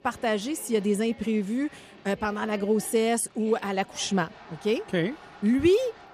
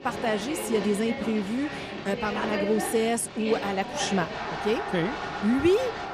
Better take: first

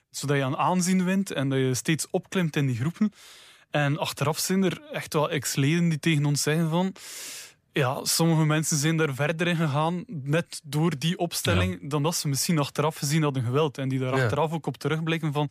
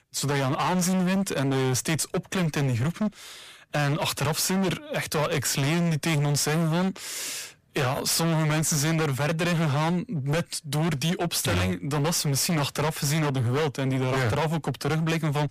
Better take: first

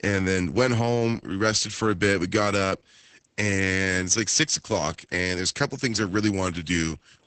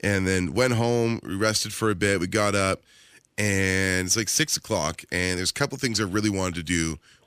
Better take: second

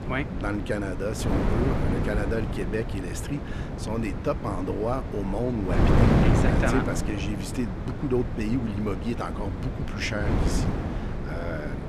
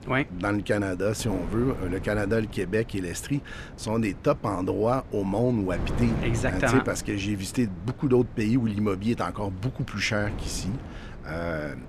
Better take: second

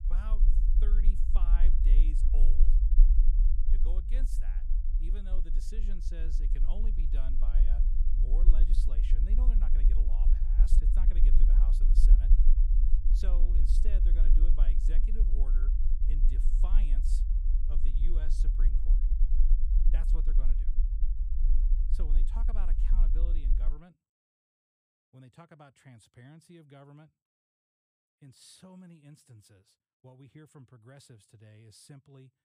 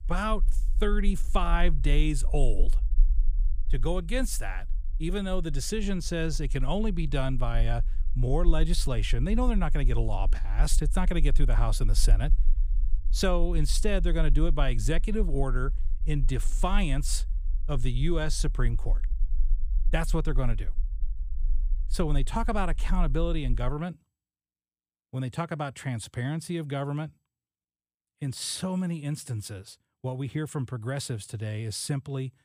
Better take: second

